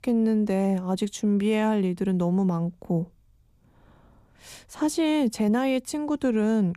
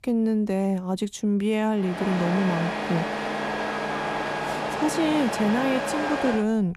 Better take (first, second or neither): first